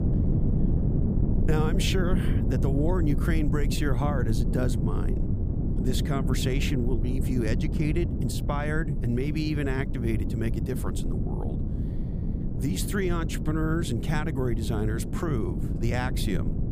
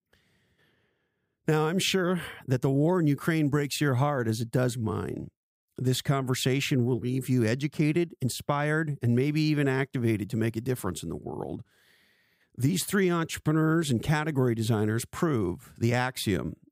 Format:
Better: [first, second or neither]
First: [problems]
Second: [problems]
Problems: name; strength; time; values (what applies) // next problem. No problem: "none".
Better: second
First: wind noise on the microphone; heavy; 5 dB below the speech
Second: none